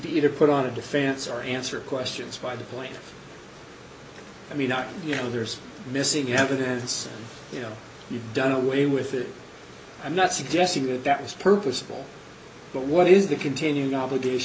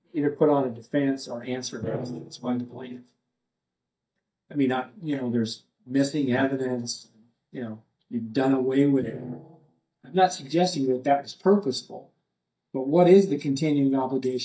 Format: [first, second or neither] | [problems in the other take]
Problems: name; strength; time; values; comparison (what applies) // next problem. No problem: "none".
first | noise reduction (neural mask model DeepFilterNet 3)